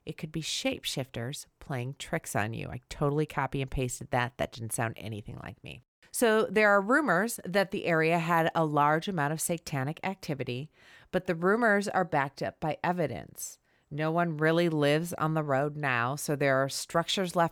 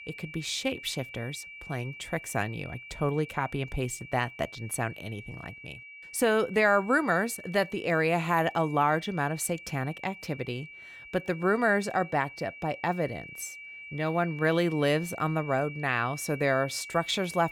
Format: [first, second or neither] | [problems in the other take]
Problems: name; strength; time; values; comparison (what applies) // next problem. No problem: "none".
first | high-pitched whine; noticeable; throughout; 2.5 kHz, 15 dB below the speech